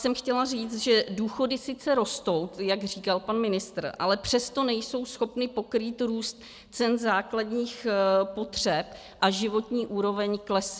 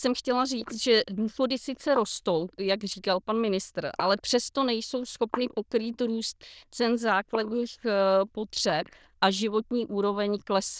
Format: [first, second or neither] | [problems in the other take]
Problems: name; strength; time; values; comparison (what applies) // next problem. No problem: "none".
first | noise reduction (neural diffusion model UNIVERSE++)